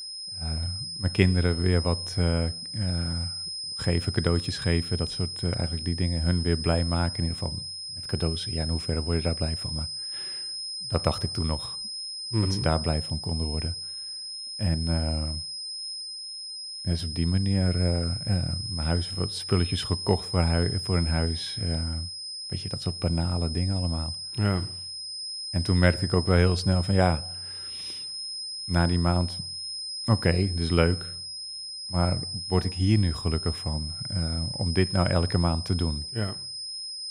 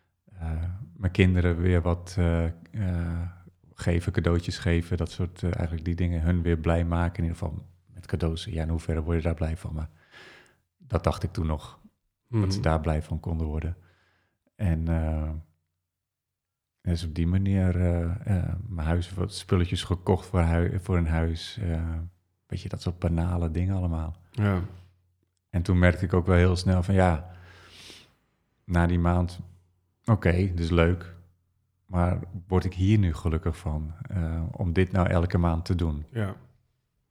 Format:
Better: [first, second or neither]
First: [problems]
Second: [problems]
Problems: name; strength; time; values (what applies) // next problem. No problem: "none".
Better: second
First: high-pitched whine; loud; throughout; 5 kHz, 5 dB below the speech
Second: none